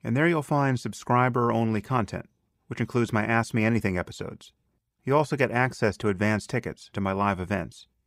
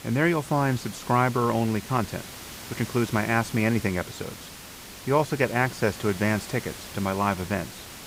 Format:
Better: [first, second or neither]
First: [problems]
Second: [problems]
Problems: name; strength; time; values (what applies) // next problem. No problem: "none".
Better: first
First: none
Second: hiss; noticeable; throughout; 15 dB below the speech